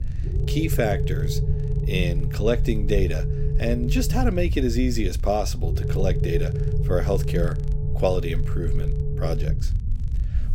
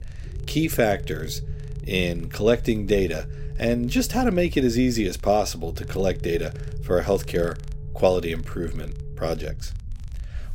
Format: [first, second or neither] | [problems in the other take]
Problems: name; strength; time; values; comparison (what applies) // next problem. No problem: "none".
second | low rumble; loud; throughout; 9 dB below the speech; faint in the second